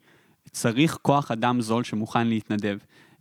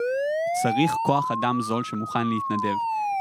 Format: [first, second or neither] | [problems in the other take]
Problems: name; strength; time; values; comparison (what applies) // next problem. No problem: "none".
first | siren; loud; peak 1 dB above the speech